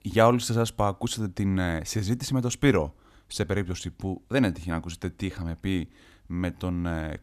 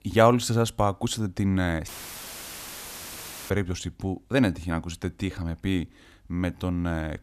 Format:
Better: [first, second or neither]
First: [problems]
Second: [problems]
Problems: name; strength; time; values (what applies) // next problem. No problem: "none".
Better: first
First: none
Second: audio cutting out; filled with static; at 2 s for 1.5 s